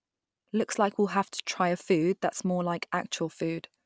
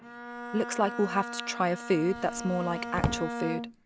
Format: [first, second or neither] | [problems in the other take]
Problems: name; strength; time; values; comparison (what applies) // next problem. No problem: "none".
first | background sound (Drawer open or close + Bowed string instrument); 6 dB below the speech